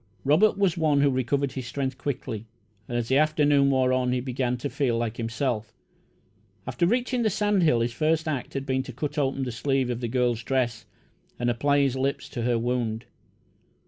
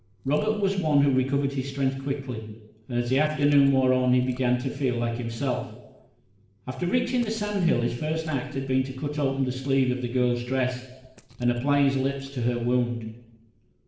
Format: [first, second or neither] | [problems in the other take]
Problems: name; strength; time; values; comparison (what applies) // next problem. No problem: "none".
first | noise reduction (neural separator model SepFormer DNS4)